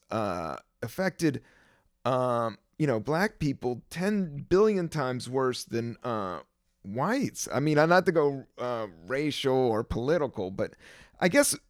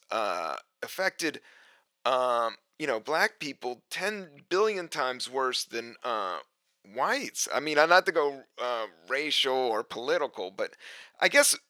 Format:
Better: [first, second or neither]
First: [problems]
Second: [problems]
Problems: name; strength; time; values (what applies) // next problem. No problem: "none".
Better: first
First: none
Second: thin; somewhat; fading below 550 Hz